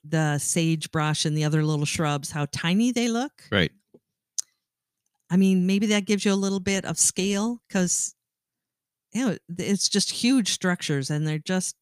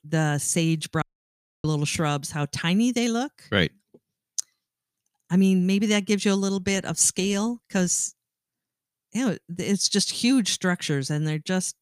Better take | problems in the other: first | audio cutting out; at 1 s for 0.5 s

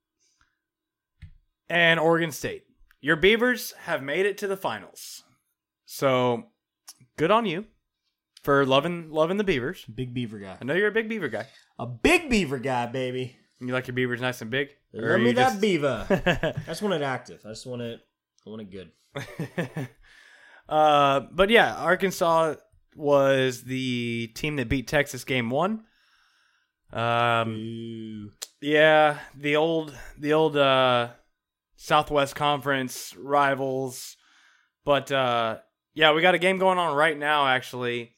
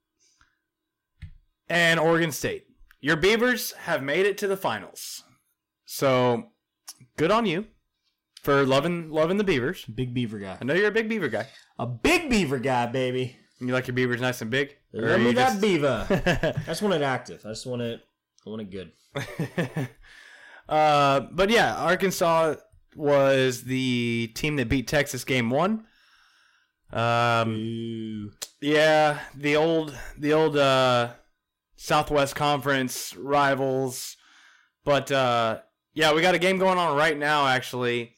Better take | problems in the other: first | distortion; slight; 10 dB below the speech

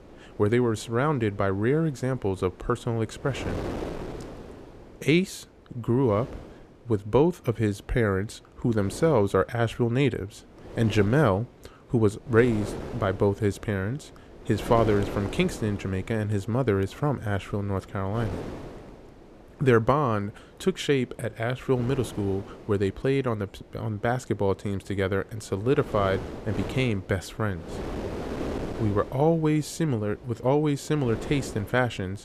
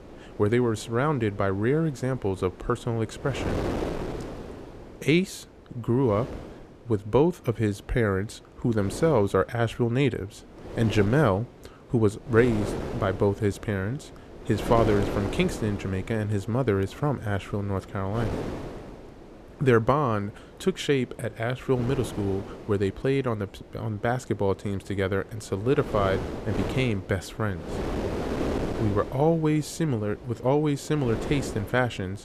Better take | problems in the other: first | wind noise on the microphone; heavy; 10 dB below the speech; occasional gusts in the first

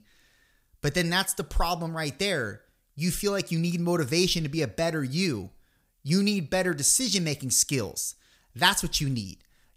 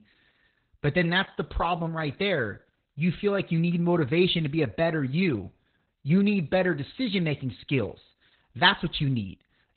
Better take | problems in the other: first | garbled, watery; badly; nothing above 4 kHz

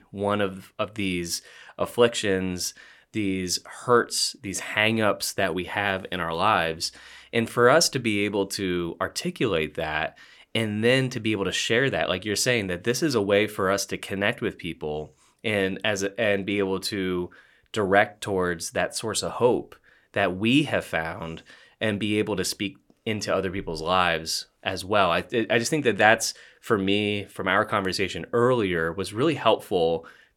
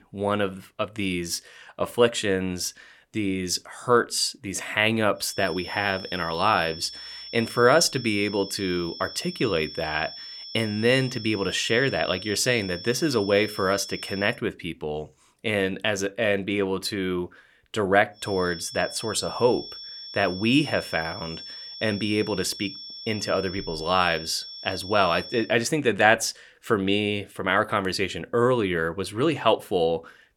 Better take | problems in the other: first | high-pitched whine; noticeable; from 5.5 to 14 s and from 18 to 25 s; 5.5 kHz, 10 dB below the speech

